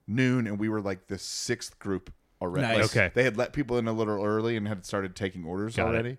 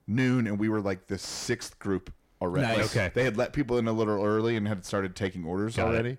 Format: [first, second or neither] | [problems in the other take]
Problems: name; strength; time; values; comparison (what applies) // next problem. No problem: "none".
first | distortion; slight; 10 dB below the speech